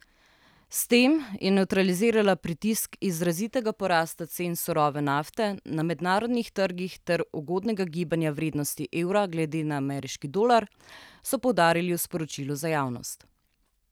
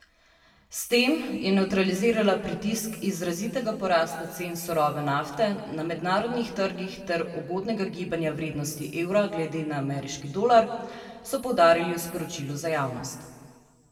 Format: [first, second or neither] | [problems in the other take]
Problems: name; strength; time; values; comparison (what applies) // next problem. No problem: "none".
first | room echo; dies away in 1.7 s